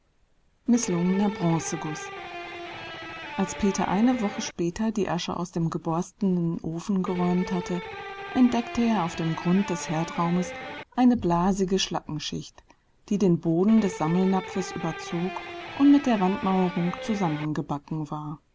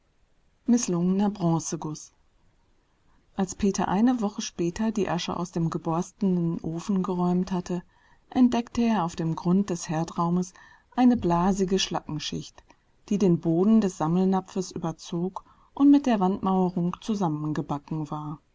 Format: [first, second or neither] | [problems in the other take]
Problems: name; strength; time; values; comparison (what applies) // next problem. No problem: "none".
second | background sound (Electric guitar); 11 dB below the speech